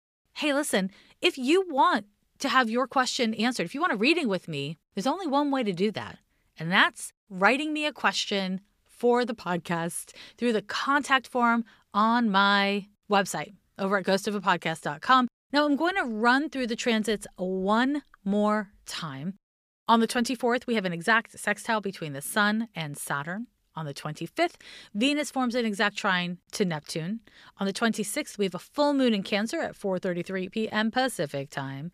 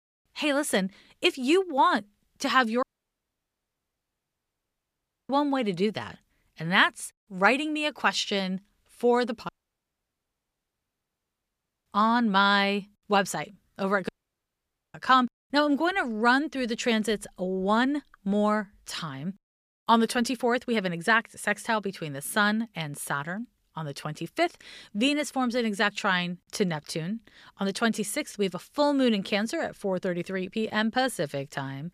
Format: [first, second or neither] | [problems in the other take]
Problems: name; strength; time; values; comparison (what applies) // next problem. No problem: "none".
first | audio cutting out; at 3 s for 2.5 s, at 9.5 s for 2.5 s and at 14 s for 1 s